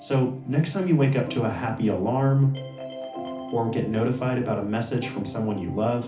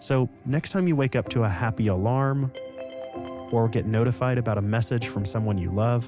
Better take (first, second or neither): second